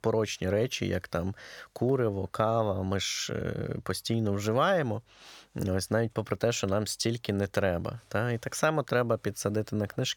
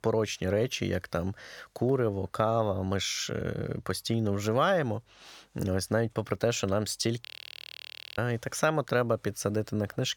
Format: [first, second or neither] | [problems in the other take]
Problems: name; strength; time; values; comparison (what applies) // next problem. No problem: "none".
first | audio freezing; at 7.5 s for 1 s